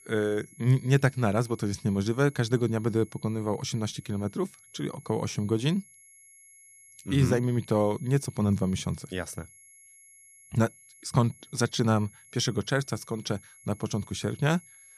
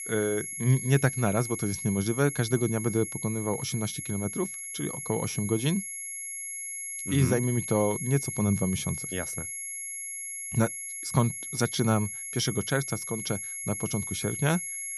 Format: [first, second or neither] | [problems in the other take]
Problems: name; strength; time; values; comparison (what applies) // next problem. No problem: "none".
first | high-pitched whine; loud; throughout; 11 kHz, 5 dB below the speech; faint in the first